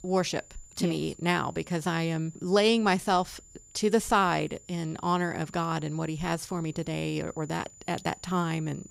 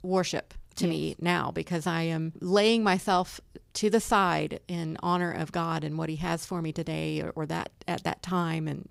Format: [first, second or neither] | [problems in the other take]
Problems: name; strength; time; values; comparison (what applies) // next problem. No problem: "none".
second | high-pitched whine; faint; throughout; 7 kHz, 20 dB below the speech